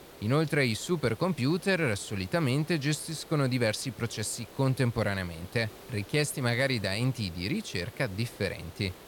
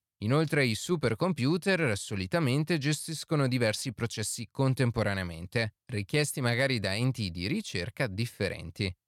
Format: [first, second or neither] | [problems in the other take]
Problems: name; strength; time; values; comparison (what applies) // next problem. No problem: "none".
second | hiss; noticeable; throughout; 20 dB below the speech